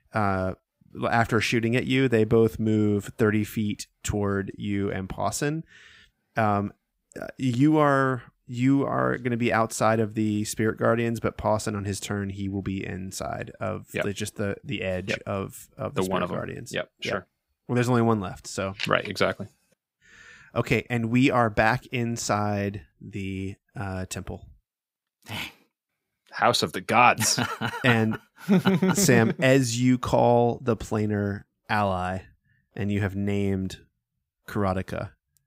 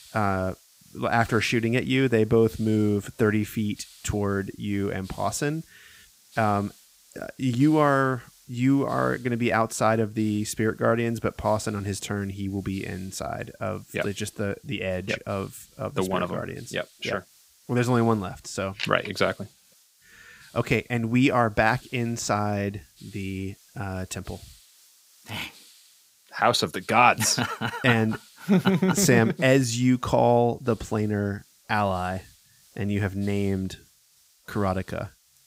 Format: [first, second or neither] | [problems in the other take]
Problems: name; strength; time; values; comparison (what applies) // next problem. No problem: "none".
first | hiss; faint; throughout; 25 dB below the speech